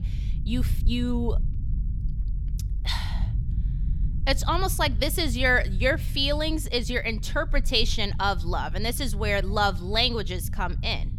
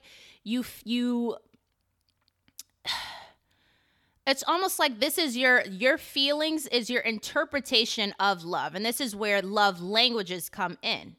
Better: second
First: low rumble; faint; throughout; 20 dB below the speech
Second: none

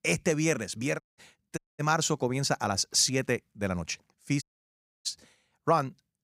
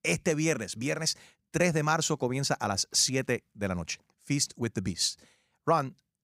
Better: second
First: audio cutting out; at 1 s, at 1.5 s and at 4.5 s for 0.5 s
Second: none

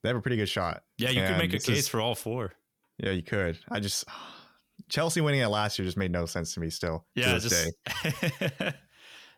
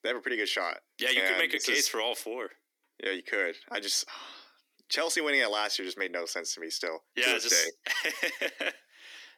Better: first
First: none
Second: thin; very; fading below 300 Hz

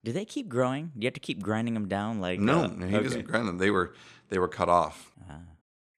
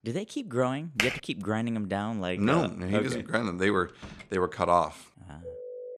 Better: first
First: none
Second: keyboard typing; loud; at 1 s; peak level with the speech // door banging; faint; at 4 s; peak 20 dB below the speech // phone ringing; faint; at 5.5 s; peak 10 dB below the speech

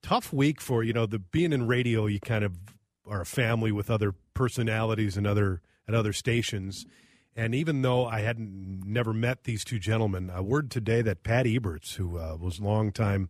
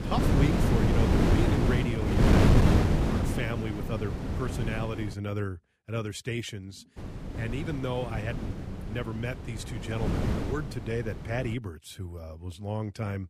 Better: first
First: none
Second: wind noise on the microphone; heavy; until 5 s and from 7 to 12 s; 4 dB above the speech

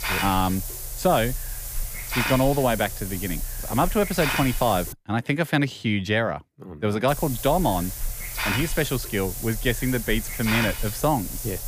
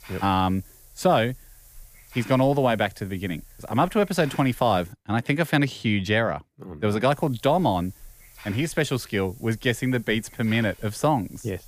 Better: second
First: hiss; loud; until 5 s and from 7 s on; 5 dB below the speech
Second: hiss; faint; until 5 s and from 7 s on; 25 dB below the speech

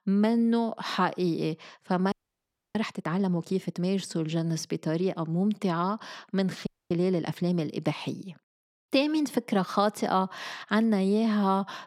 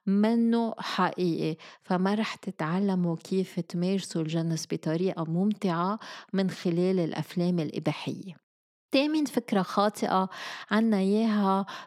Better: second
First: audio freezing; at 2 s for 0.5 s and at 6.5 s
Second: none

